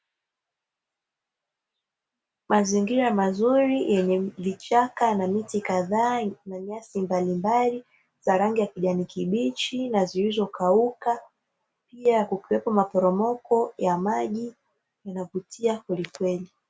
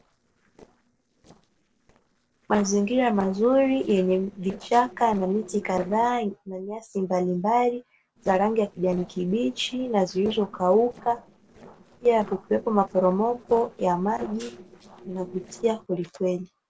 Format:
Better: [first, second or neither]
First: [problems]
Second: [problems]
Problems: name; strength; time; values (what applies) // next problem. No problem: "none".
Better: first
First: none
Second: noise reduction (neural separator model SepFormer DNS4)